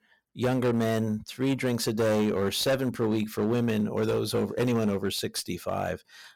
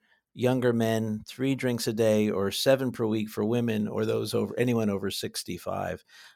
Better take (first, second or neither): second